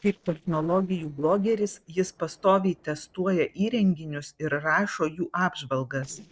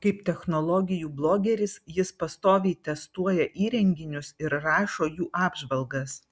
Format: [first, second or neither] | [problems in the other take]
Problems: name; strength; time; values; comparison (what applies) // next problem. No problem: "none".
second | noise reduction (neural separator model SepFormer DNS4)